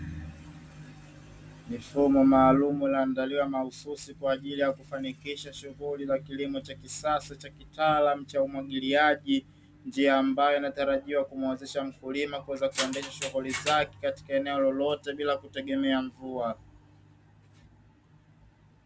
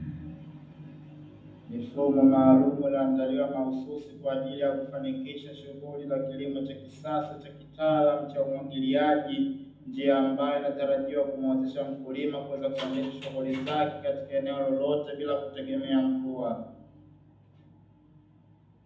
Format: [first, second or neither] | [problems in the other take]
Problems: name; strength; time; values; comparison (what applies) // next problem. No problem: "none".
first | room echo; dies away in 0.8 s